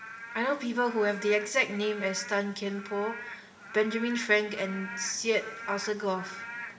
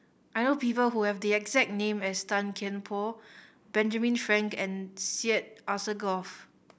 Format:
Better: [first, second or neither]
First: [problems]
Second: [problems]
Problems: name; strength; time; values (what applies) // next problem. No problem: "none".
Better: second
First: background sound (Rain / Frog); 12 dB below the speech // room echo; dies away in 2.5 s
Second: none